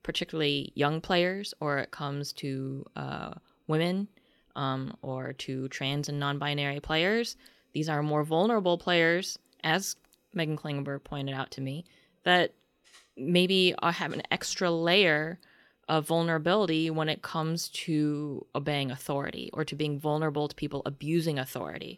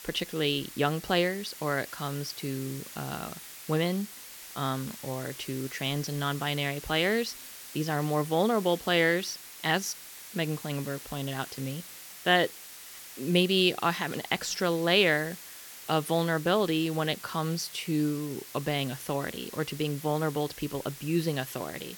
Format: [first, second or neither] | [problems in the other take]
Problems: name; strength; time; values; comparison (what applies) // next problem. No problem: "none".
first | hiss; noticeable; throughout; 15 dB below the speech